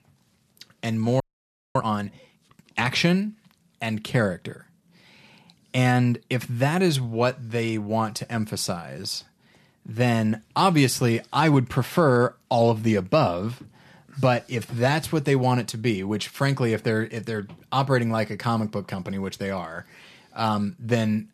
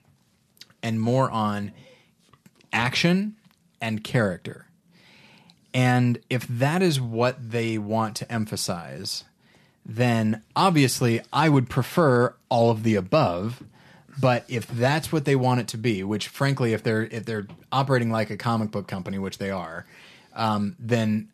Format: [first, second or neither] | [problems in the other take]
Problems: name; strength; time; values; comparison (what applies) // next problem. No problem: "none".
second | audio freezing; at 1 s for 0.5 s